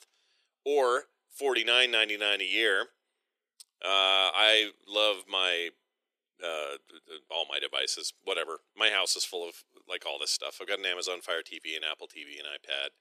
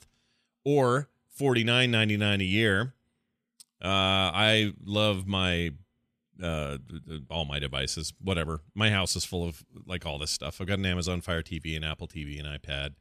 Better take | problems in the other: second | thin; very; fading below 350 Hz

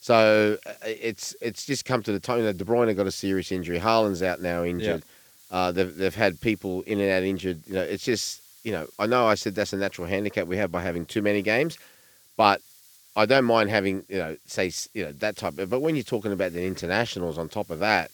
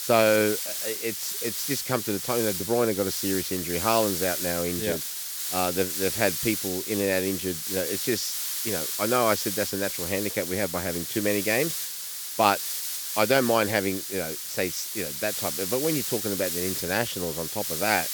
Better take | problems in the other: first | hiss; loud; throughout; 2 dB below the speech; faint in the first

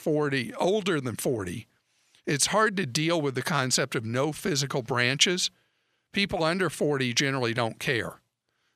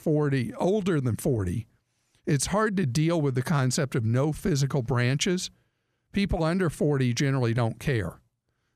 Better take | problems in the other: second | thin; somewhat; fading below 450 Hz

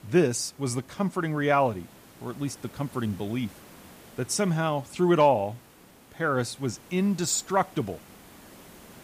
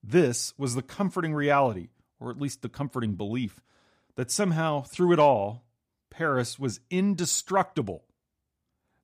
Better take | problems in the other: second | hiss; faint; throughout; 25 dB below the speech

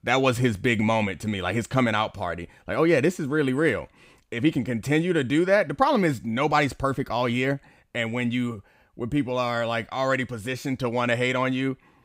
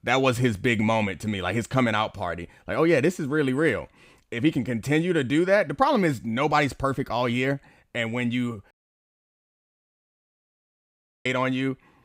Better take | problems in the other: first | audio cutting out; at 8.5 s for 2.5 s

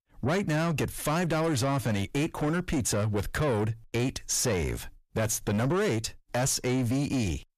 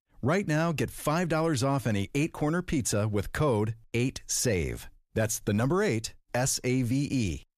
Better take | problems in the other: second | distortion; slight; 10 dB below the speech

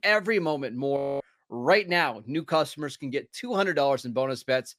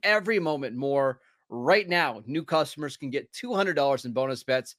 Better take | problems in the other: second | audio freezing; at 1 s

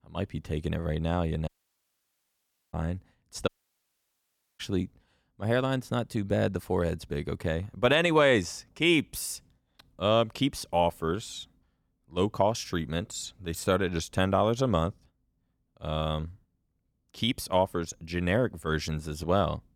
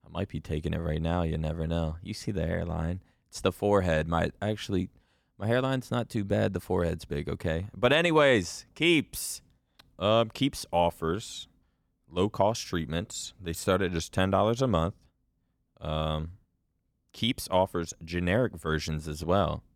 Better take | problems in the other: second | audio cutting out; at 1.5 s for 1.5 s and at 3.5 s for 1 s

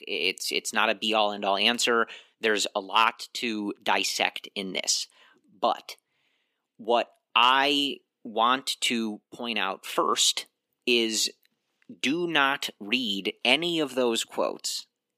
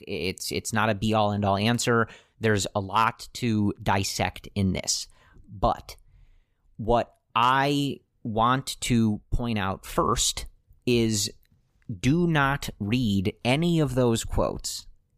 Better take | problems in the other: second | thin; somewhat; fading below 250 Hz

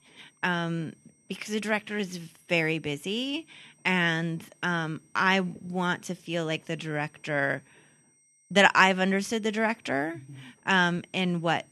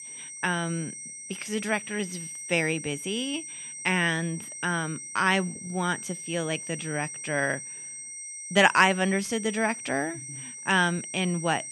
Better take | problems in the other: first | high-pitched whine; loud; throughout; 8.5 kHz, 9 dB below the speech; faint in the first

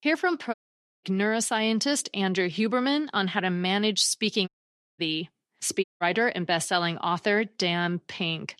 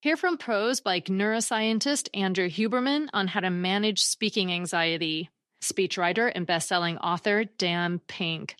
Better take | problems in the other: second | audio cutting out; at 0.5 s, at 4.5 s for 0.5 s and at 6 s

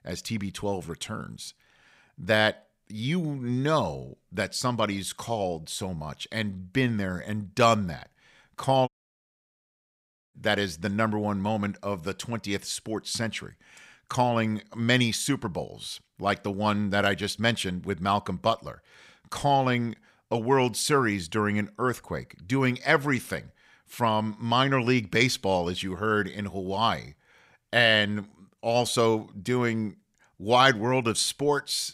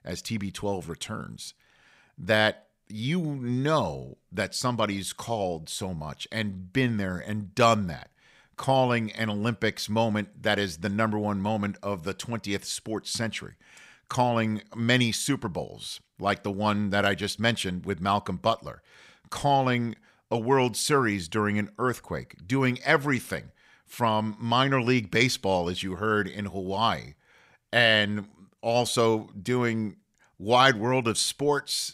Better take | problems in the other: second | audio cutting out; at 9 s for 1.5 s

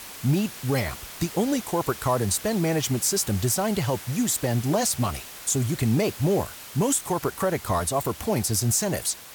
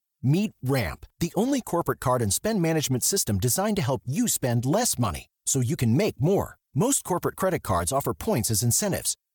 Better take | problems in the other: second | hiss; noticeable; throughout; 15 dB below the speech

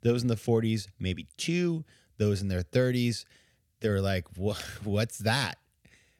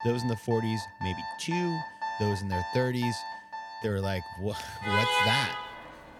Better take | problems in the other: first | alarms or sirens; loud; throughout; 1 dB below the speech

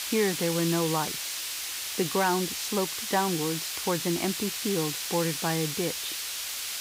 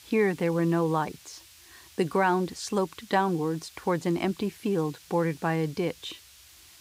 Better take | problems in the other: second | hiss; loud; throughout; 1 dB below the speech; faint in the second

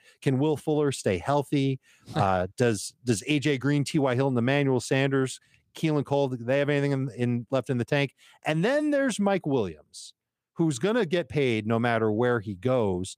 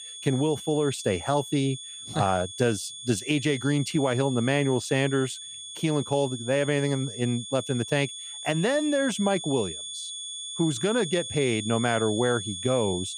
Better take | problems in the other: first | high-pitched whine; loud; throughout; 3.5 kHz, 9 dB below the speech

